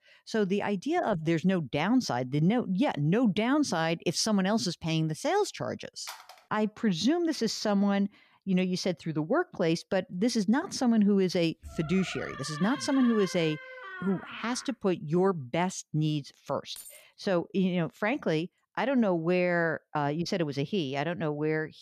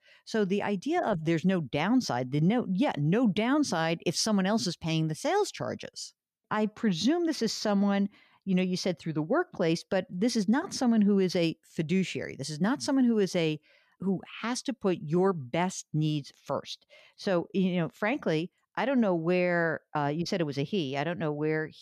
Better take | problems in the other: second | phone ringing; faint; at 6 s; peak 15 dB below the speech // door banging; faint; from 12 to 15 s; peak 10 dB below the speech // jangling keys; faint; at 17 s; peak 15 dB below the speech

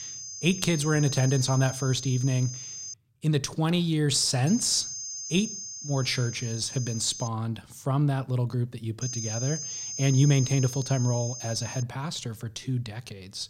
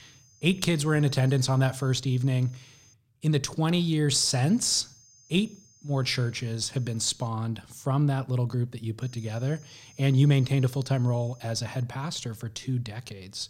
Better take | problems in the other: second | high-pitched whine; loud; until 3 s, from 4.5 to 7.5 s and from 9 to 12 s; 6.5 kHz, 8 dB below the speech; faint in the second

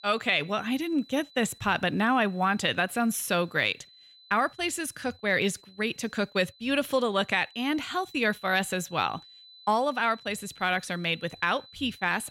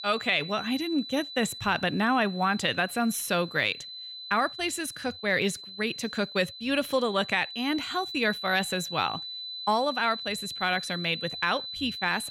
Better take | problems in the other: first | high-pitched whine; loud; throughout; 4 kHz, 9 dB below the speech; faint in the first

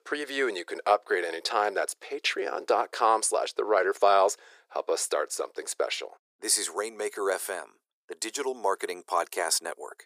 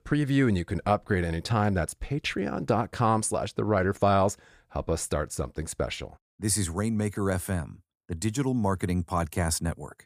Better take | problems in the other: second | thin; very; fading below 400 Hz

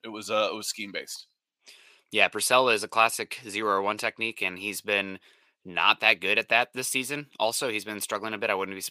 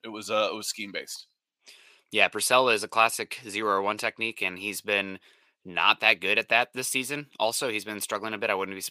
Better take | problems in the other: neither | thin; very slightly; fading below 600 Hz; the same in both

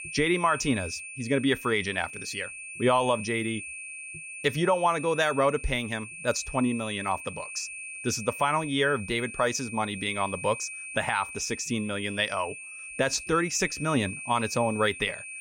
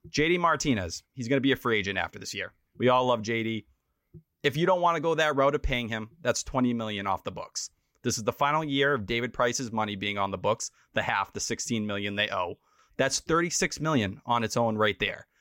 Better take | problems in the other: second | high-pitched whine; loud; throughout; 2.5 kHz, 10 dB below the speech

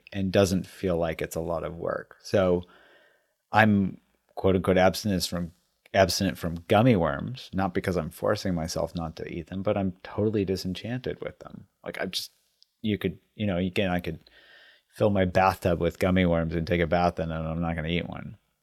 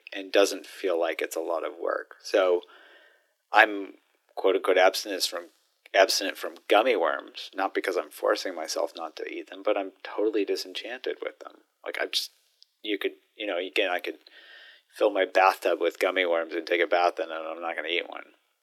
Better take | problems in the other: first | thin; very; fading below 300 Hz

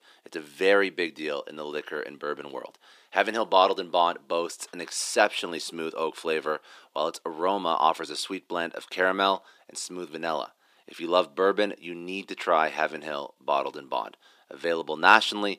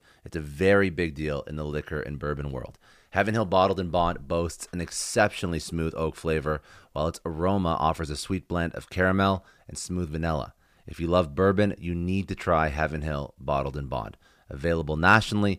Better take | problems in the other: second | thin; somewhat; fading below 300 Hz

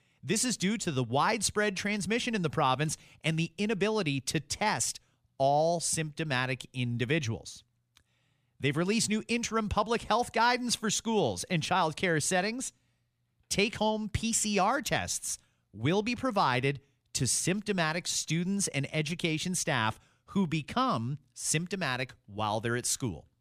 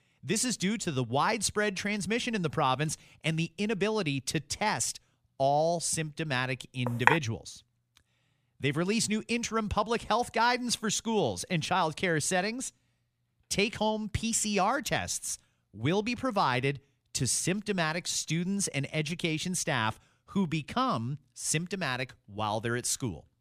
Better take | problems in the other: first | clattering dishes; loud; at 7 s; peak 4 dB above the speech

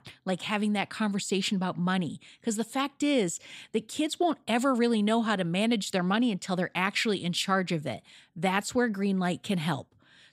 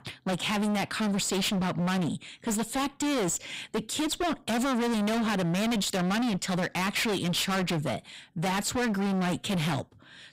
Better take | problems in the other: first | distortion; heavy; 40% of the sound clipped

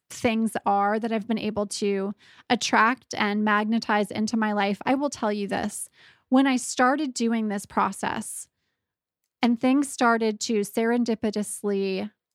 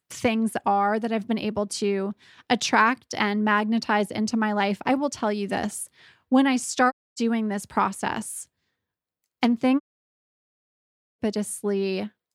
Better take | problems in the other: first | audio cutting out; at 7 s and at 10 s for 1.5 s

